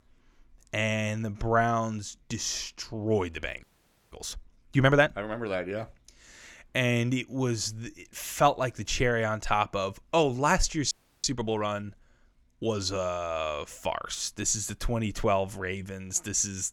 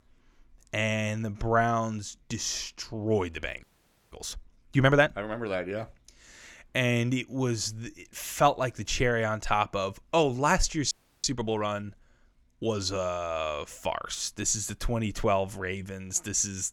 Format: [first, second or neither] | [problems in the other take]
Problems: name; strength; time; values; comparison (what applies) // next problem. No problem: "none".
neither | audio freezing; at 3.5 s and at 11 s; the same in both